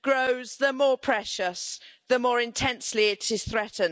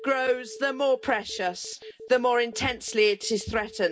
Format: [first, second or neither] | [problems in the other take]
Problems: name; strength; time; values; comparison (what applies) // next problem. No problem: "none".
first | background sound (Telephone); 20 dB below the speech // room echo; dies away in 0.3 s